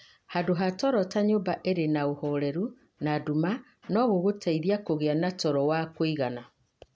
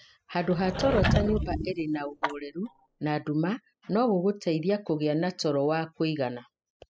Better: first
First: none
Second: noise reduction (classical method spectral subtraction)

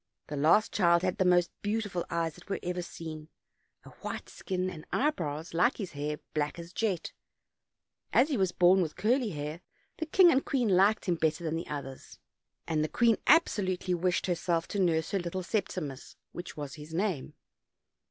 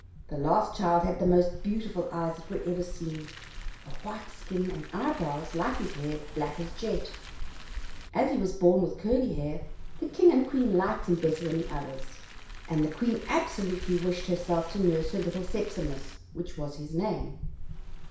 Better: first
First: none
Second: background sound (Car); 8 dB below the speech // room echo; dies away in 0.6 s

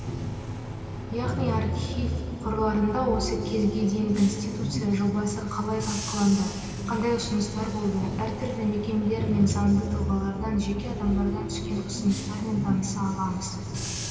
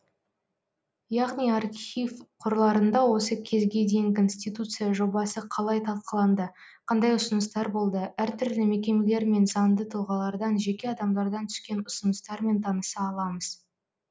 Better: second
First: background sound (Bus / Engine); 4 dB below the speech // room echo; dies away in 2.6 s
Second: none

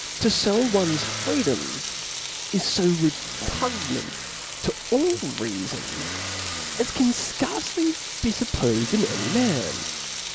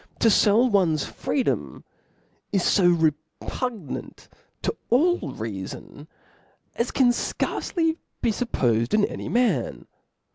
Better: second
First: background sound (Frying (food) + Motor vehicle (road)); 6 dB below the speech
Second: none

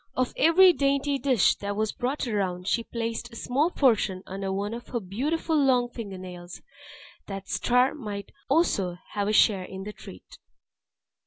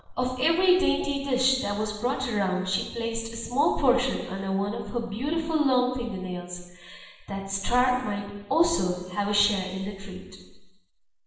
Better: first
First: none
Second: room echo; dies away in 1.1 s

